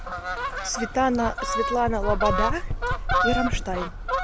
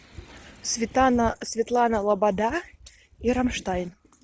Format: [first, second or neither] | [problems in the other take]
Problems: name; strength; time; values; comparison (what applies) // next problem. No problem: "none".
second | background sound (Knock + Fowl); 1 dB above the speech